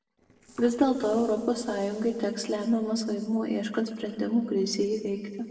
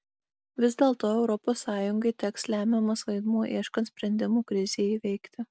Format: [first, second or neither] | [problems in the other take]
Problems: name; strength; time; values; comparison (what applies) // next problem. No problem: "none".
second | noise reduction (neural separator model SepFormer DNS4)